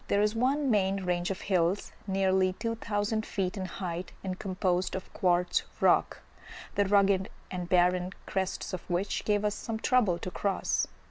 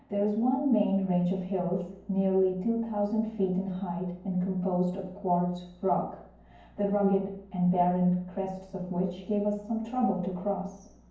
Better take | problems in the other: first | room echo; dies away in 0.9 s

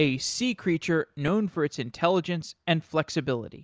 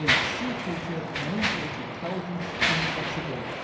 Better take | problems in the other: first | background sound (Mechanisms); 5 dB above the speech // room echo; dies away in 0.6 s

